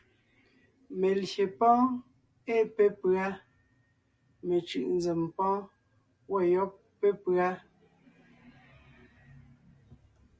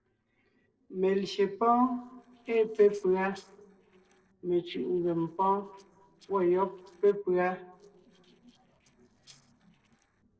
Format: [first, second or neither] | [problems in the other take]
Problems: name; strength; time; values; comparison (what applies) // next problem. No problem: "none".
first | noise reduction (neural separator model SepFormer DNS4)